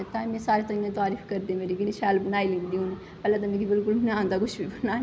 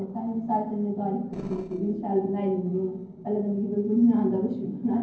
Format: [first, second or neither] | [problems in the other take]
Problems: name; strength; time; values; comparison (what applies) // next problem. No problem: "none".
first | noise reduction (neural separator model SepFormer DNS4)